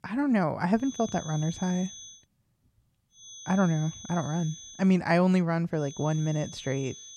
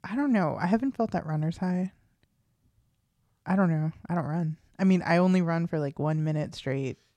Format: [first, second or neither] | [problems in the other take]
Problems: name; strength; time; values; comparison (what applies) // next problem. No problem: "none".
second | high-pitched whine; noticeable; from 1 to 2 s, from 3 to 5 s and from 6 s on; 6 kHz, 15 dB below the speech